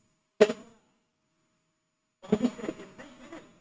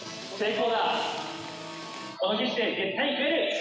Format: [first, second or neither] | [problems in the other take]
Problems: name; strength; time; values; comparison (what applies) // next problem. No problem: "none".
second | noise reduction (neural mask model RNNoise)